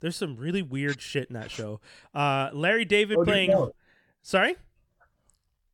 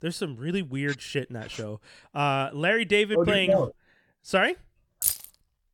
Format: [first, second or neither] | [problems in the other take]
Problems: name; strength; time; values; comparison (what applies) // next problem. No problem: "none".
first | jangling keys; noticeable; at 5 s; peak level with the speech